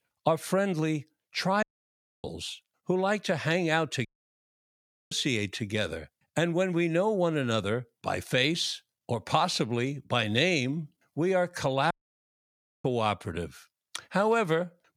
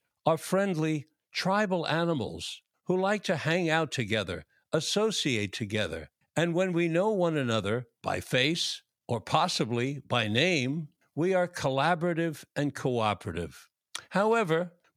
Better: second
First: audio cutting out; at 1.5 s for 0.5 s, at 4 s for 1 s and at 12 s for 1 s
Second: none

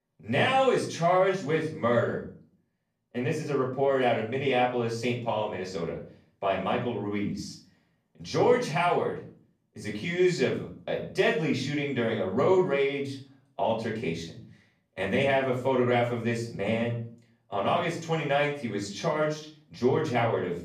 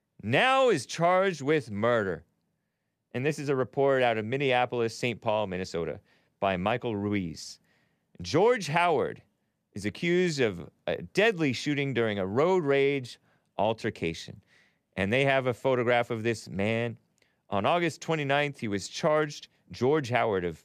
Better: second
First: off-mic speech; far // room echo; slight; dies away in 0.4 s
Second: none

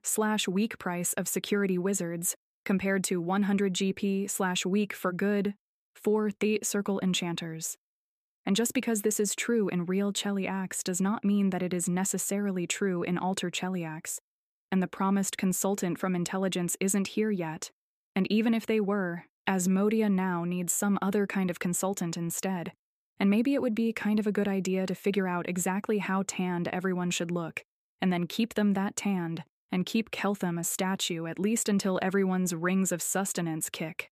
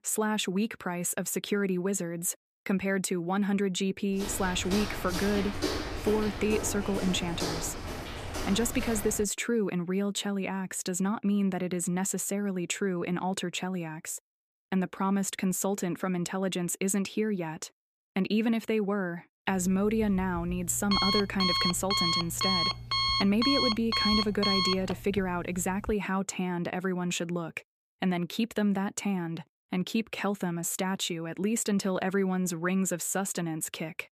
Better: first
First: none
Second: footsteps; noticeable; from 4 to 9 s; peak 2 dB below the speech // alarm; loud; from 20 to 26 s; peak 4 dB above the speech

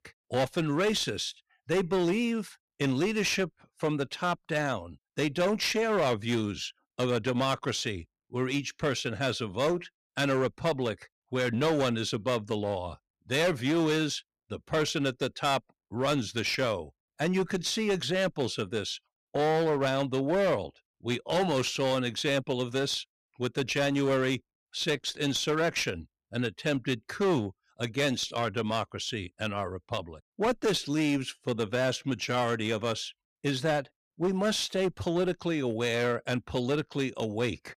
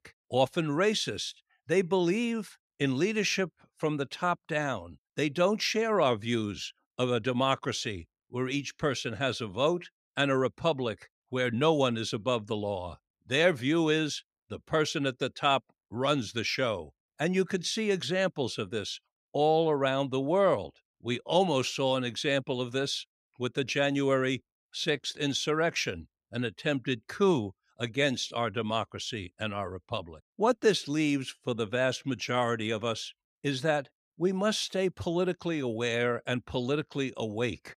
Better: second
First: distortion; slight; 10% of the sound clipped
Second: none

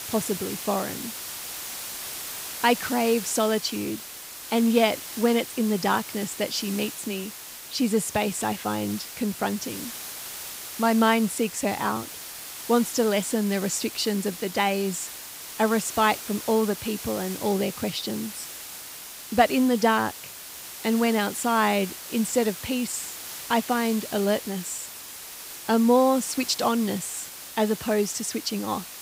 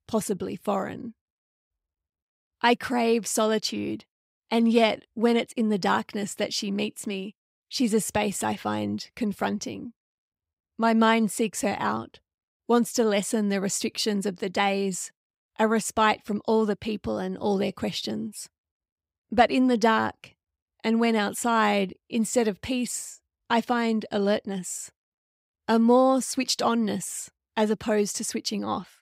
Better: second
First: hiss; loud; throughout; 10 dB below the speech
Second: none

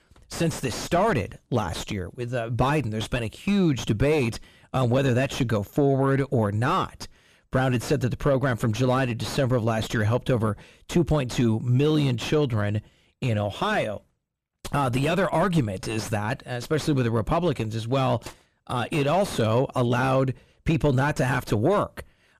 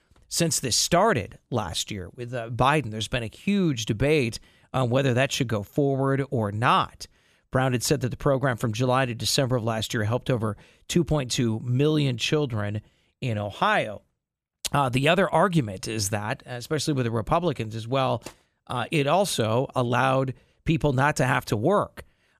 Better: second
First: distortion; heavy; 6 dB below the speech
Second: none

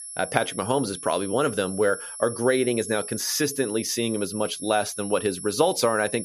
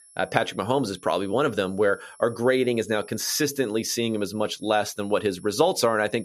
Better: second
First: high-pitched whine; loud; throughout; 11 kHz, 9 dB below the speech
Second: high-pitched whine; faint; throughout; 11 kHz, 25 dB below the speech

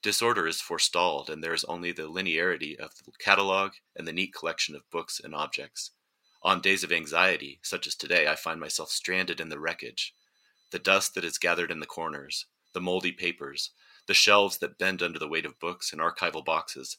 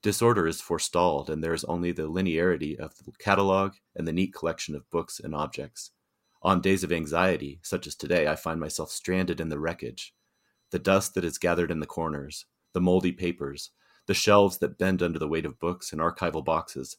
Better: second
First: thin; somewhat; fading below 700 Hz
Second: none

